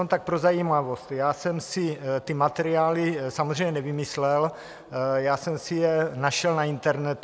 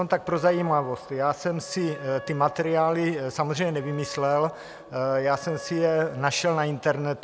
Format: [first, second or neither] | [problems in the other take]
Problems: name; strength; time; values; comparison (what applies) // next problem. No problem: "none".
first | background sound (Wind instrument, woodwind instrument); 18 dB below the speech